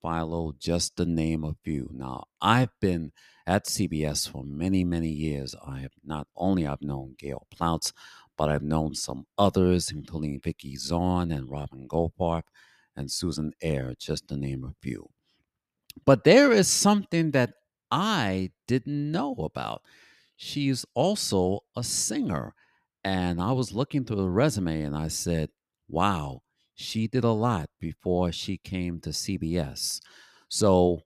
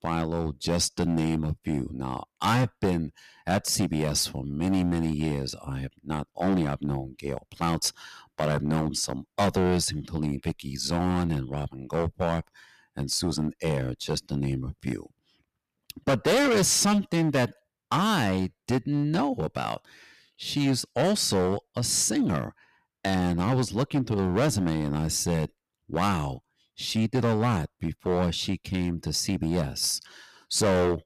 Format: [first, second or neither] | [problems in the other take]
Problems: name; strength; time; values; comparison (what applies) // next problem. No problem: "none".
first | distortion; heavy; 8% of the sound clipped